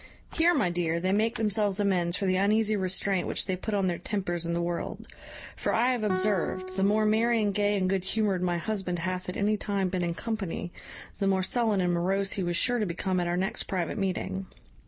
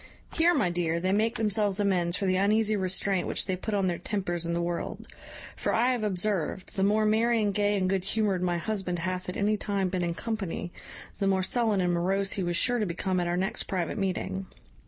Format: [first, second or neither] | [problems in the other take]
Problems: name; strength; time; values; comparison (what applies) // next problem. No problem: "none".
second | background sound (Guitar); 11 dB below the speech